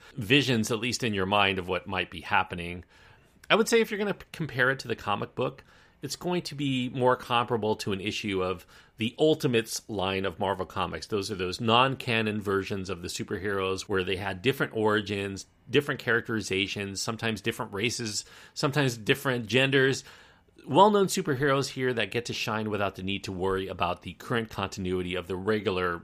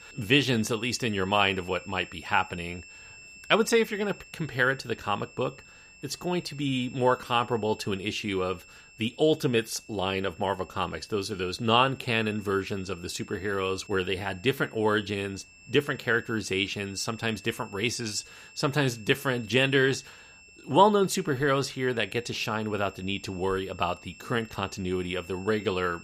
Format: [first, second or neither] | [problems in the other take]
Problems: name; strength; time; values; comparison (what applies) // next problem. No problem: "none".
first | high-pitched whine; faint; throughout; 2.5 kHz, 20 dB below the speech